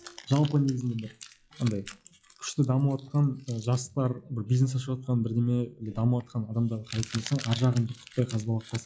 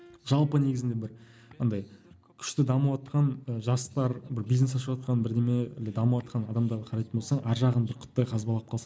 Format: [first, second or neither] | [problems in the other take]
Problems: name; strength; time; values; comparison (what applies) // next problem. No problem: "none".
second | noise reduction (classical method log-MMSE)